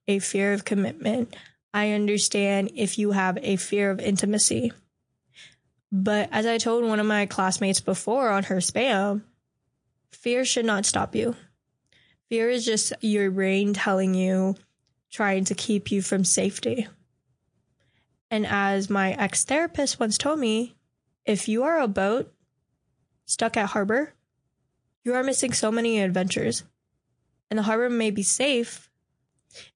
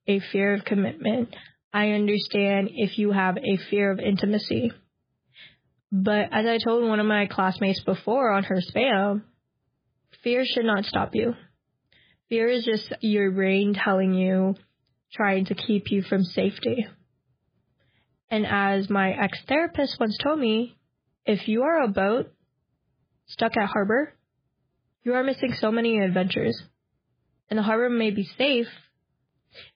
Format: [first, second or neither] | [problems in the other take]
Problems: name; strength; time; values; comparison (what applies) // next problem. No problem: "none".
first | garbled, watery; badly; nothing above 5 kHz; slightly in the first